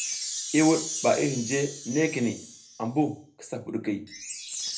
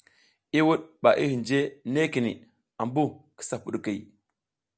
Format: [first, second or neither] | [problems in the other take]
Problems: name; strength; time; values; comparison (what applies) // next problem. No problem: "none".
second | background sound (Chime); 8 dB below the speech // room echo; dies away in 0.3 s